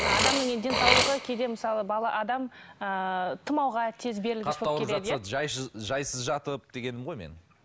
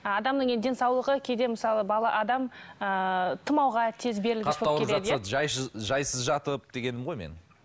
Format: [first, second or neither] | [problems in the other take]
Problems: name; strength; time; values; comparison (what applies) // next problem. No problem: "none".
second | background sound (Burping, eructation); 3 dB below the speech